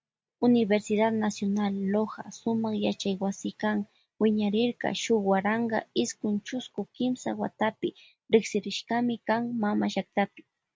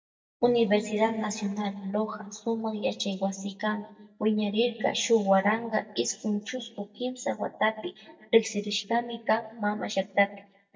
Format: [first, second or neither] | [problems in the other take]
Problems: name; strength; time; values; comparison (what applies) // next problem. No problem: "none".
first | noise reduction (neural mask model DeepFilterNet 3)